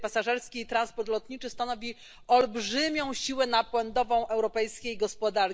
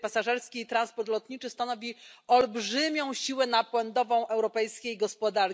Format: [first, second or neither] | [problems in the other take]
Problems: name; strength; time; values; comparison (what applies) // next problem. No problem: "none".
second | background sound (Thunder / Wind / Bird vocalization, bird call, bird song); 17 dB below the speech